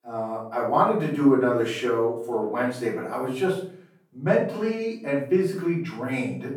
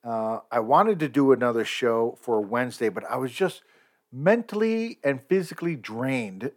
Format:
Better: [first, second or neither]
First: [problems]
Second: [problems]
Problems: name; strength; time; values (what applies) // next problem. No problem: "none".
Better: second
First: off-mic speech; far // room echo; noticeable; dies away in 0.5 s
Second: none